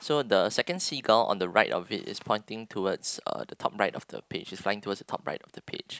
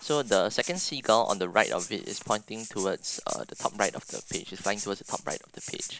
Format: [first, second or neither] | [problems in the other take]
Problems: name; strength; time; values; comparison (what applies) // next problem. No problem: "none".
first | background sound (Rattle (instrument)); 11 dB below the speech